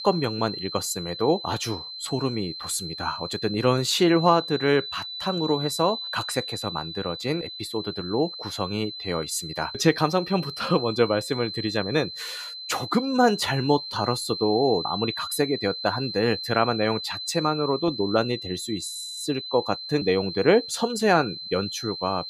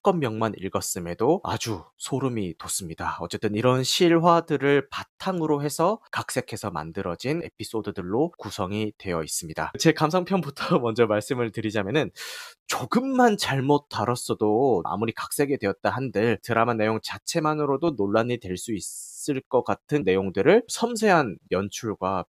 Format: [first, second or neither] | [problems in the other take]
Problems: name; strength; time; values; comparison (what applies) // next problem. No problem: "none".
second | high-pitched whine; loud; throughout; 4 kHz, 8 dB below the speech